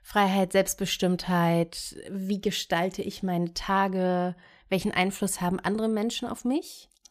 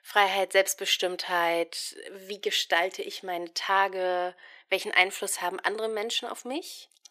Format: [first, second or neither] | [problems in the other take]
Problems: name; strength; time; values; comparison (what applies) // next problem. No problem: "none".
first | thin; very; fading below 350 Hz